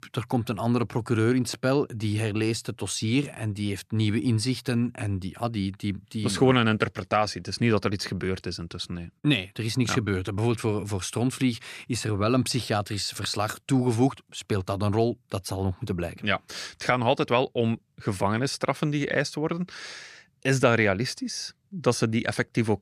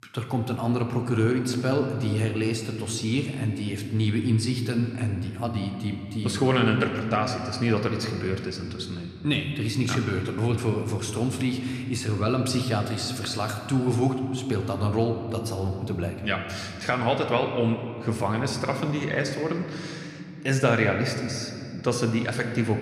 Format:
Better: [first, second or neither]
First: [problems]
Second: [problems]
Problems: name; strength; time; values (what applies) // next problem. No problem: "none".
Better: first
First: none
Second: room echo; slight; dies away in 2.2 s